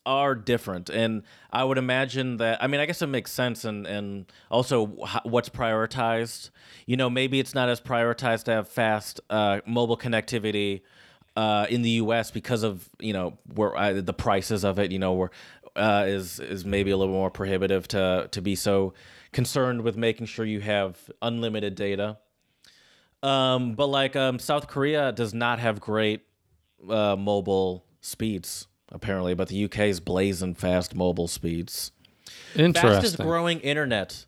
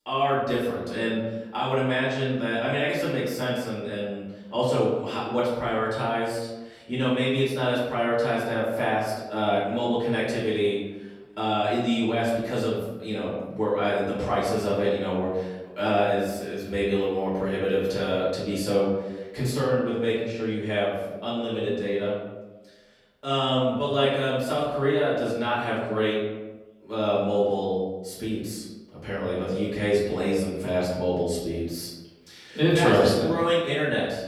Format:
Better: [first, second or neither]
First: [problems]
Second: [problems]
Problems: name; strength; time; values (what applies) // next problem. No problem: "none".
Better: first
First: none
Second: off-mic speech; far // room echo; noticeable; dies away in 1 s